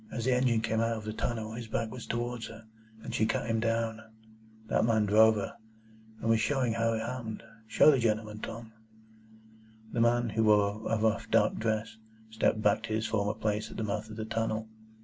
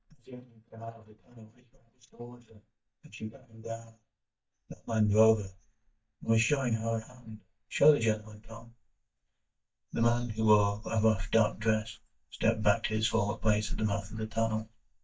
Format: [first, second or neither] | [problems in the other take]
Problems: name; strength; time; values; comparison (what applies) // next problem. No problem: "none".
first | noise reduction (neural mask model DeepFilterNet 3)